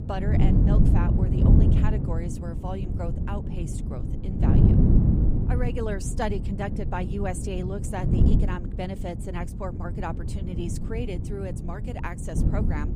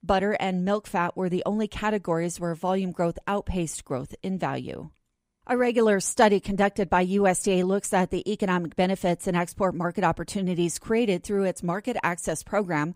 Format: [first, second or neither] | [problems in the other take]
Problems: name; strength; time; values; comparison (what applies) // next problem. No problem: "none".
second | wind noise on the microphone; heavy; as loud as the speech